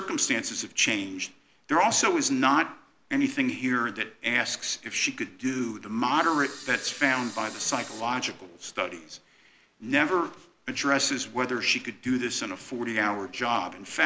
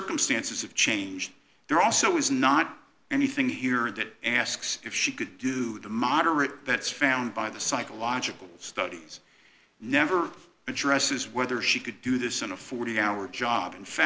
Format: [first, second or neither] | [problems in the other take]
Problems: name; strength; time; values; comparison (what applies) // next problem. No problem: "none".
second | background sound (Camera); 15 dB below the speech